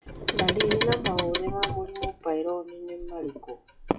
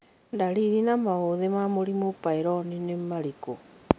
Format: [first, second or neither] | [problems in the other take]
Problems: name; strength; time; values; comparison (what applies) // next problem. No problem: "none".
second | noise reduction (classical method WPE with log-MMSE)